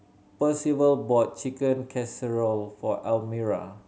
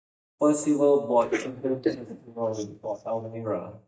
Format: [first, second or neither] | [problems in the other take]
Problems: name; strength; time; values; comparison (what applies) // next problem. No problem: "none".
first | noise reduction (neural mask model DeepFilterNet 3)